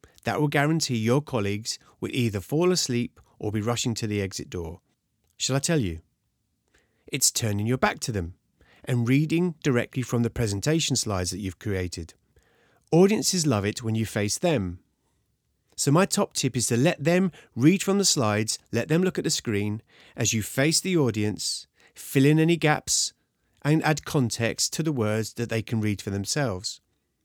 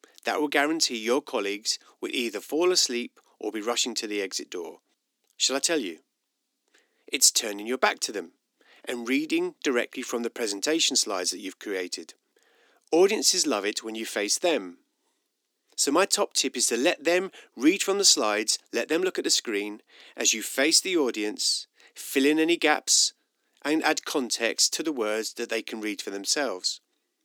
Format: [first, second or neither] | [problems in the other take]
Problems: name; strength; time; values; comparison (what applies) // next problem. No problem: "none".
first | thin; somewhat; fading below 250 Hz